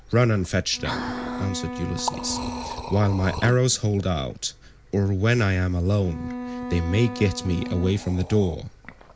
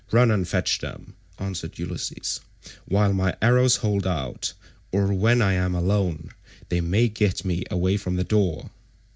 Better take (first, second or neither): second